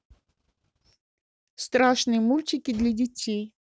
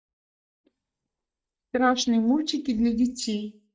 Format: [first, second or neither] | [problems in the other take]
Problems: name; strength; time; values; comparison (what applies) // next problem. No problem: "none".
first | noise reduction (neural mask model DeepFilterNet 3)